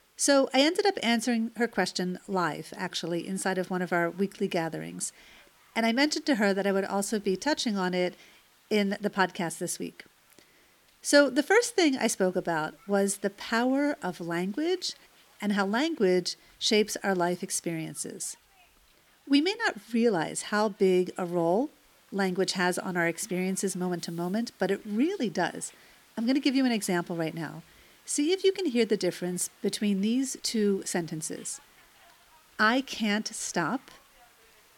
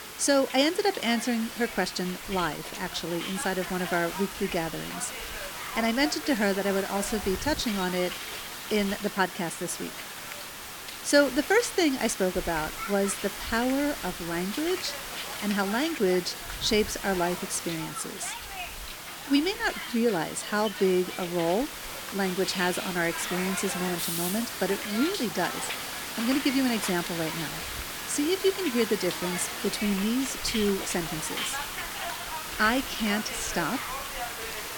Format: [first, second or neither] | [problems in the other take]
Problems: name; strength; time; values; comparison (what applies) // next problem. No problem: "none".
first | hiss; loud; throughout; 6 dB below the speech; faint in the first